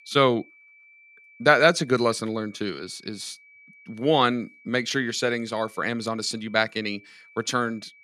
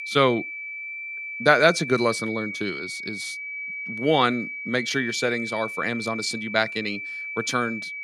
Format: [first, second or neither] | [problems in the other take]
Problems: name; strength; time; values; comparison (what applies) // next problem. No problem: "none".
first | high-pitched whine; loud; throughout; 2.5 kHz, 7 dB below the speech; faint in the first